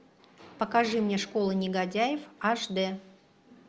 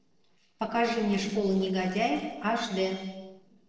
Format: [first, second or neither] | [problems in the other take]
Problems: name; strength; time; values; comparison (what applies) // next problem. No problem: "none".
first | noise reduction (neural separator model SepFormer DNS4)